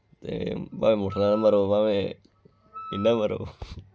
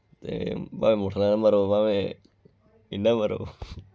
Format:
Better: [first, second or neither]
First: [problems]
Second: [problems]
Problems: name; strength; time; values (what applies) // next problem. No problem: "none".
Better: second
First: background sound (Wind instrument, woodwind instrument); 17 dB below the speech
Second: none